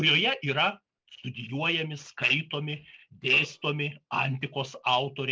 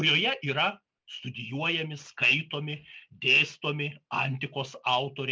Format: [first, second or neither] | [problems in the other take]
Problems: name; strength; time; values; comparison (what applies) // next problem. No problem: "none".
second | noise reduction (neural separator model SepFormer DNS4)